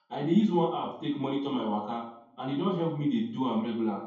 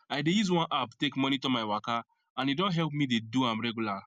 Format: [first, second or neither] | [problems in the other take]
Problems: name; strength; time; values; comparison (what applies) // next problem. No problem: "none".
second | room echo; dies away in 0.7 s